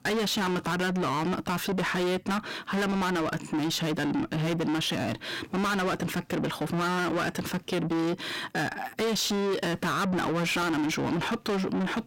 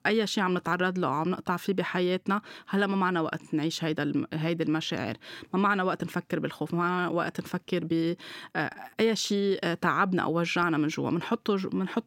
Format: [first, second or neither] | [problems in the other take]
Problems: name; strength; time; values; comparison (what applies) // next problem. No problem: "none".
second | distortion; heavy; 6 dB below the speech